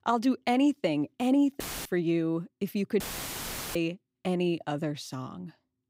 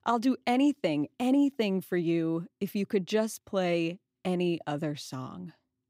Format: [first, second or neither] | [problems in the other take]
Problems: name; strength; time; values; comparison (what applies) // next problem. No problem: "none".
second | audio cutting out; filled with static; at 1.5 s and at 3 s for 1 s